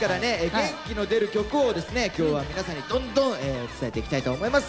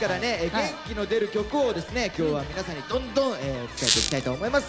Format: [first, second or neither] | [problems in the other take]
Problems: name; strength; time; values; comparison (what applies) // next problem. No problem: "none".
first | background sound (Squeak); as loud as the speech